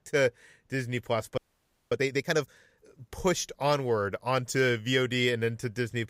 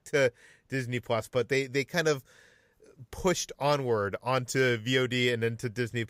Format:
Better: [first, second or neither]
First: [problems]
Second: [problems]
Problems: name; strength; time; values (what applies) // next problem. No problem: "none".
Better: second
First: audio freezing; at 1.5 s for 0.5 s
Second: none